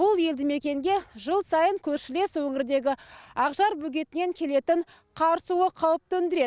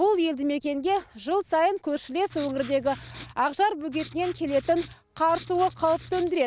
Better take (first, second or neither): first